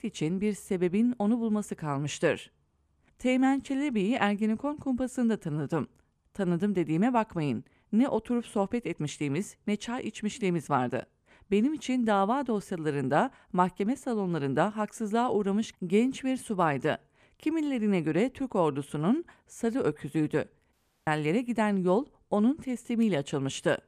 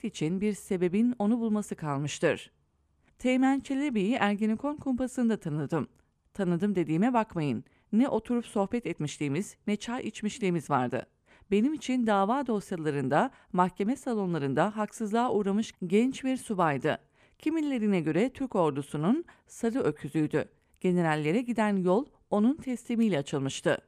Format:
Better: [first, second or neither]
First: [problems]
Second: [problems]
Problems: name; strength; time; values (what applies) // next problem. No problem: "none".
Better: second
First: audio cutting out; at 21 s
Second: none